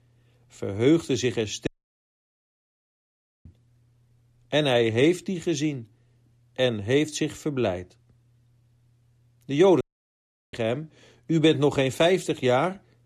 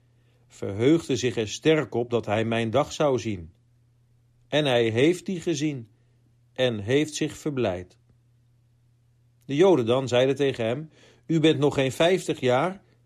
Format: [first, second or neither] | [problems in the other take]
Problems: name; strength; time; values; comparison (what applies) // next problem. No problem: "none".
second | audio cutting out; at 1.5 s for 2 s and at 10 s for 0.5 s